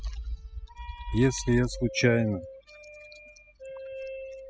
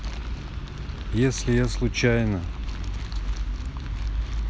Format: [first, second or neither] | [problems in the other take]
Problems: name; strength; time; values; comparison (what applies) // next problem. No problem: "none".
second | noise reduction (classical method spectral subtraction)